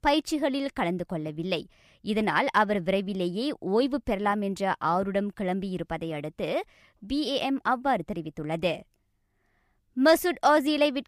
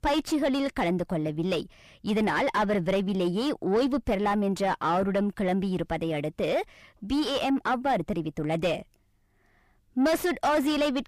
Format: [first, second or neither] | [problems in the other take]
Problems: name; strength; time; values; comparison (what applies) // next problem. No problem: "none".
first | distortion; heavy; 6 dB below the speech